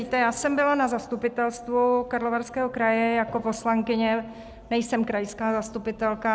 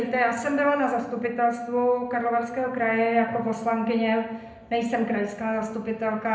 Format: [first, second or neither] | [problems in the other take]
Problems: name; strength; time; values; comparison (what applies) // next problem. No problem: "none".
first | room echo; dies away in 0.7 s